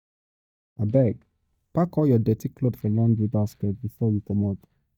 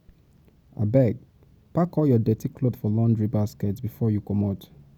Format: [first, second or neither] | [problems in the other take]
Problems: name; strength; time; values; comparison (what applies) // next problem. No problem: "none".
second | noise reduction (neural mask model DeepFilterNet 3)